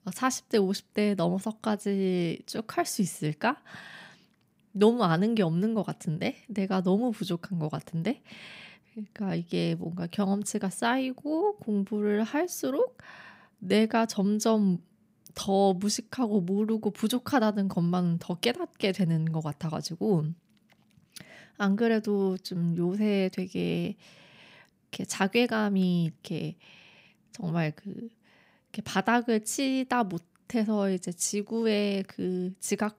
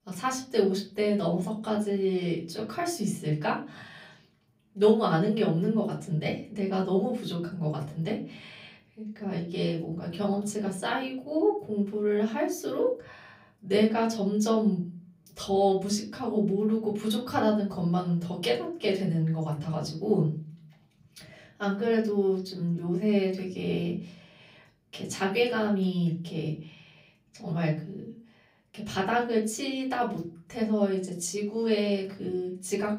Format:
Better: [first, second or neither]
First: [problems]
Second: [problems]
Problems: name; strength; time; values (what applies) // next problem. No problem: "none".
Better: first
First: none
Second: room echo; slight; dies away in 0.4 s // off-mic speech; far